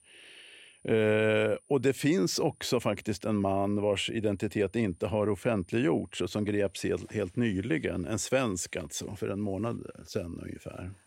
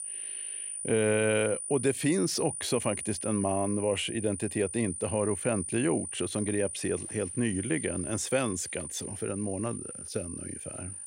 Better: first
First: high-pitched whine; faint; throughout; 9.5 kHz, 35 dB below the speech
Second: high-pitched whine; loud; throughout; 9.5 kHz, 6 dB below the speech

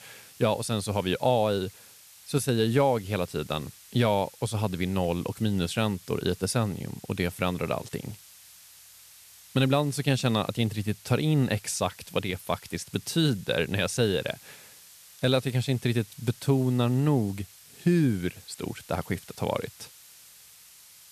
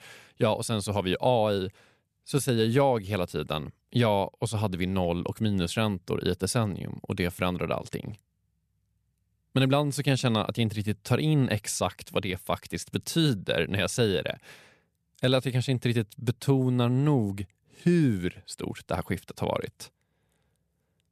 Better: second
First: hiss; faint; throughout; 20 dB below the speech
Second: none

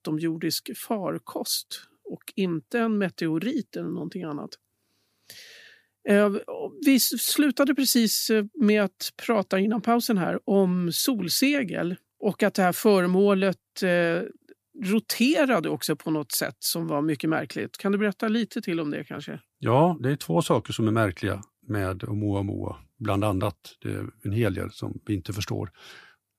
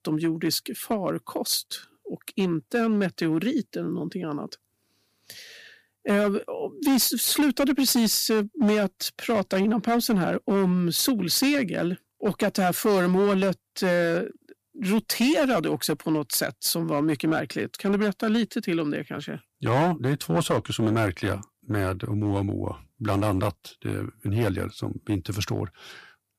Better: first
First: none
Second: distortion; slight; 6% of the sound clipped

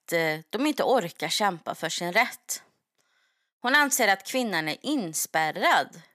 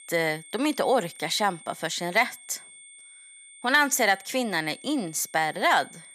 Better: first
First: none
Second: high-pitched whine; faint; throughout; 8.5 kHz, 20 dB below the speech

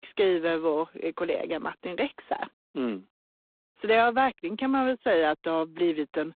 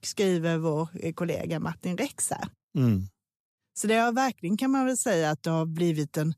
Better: second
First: phone-call audio; poor line; nothing above 3.5 kHz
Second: none

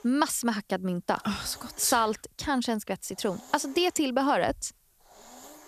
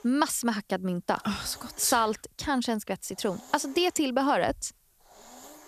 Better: neither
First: hiss; faint; throughout; 25 dB below the speech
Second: hiss; faint; throughout; 25 dB below the speech

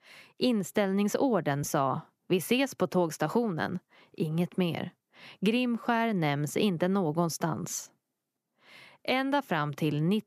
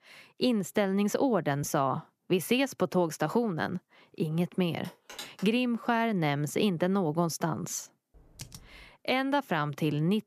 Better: first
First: none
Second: phone ringing; faint; at 5 s; peak 15 dB below the speech // keyboard typing; faint; at 8 s; peak 15 dB below the speech

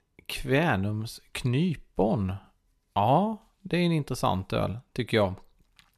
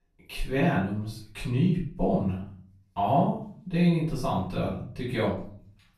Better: first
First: none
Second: off-mic speech; far // room echo; noticeable; dies away in 0.4 s

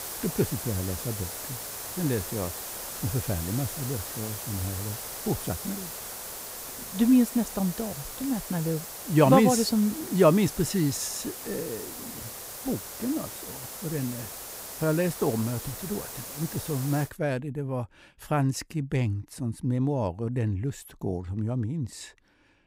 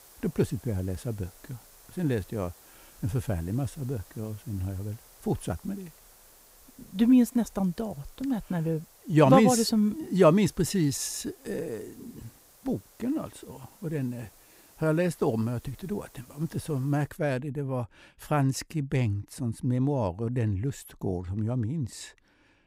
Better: second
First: hiss; loud; until 17 s; 8 dB below the speech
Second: hiss; faint; until 17 s; 25 dB below the speech

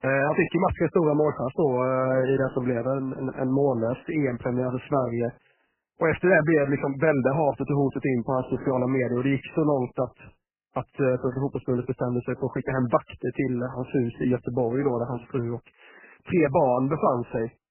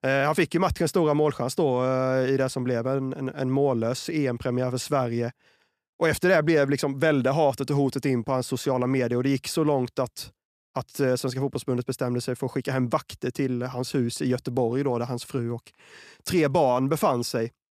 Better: second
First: garbled, watery; badly; nothing above 2.5 kHz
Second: none

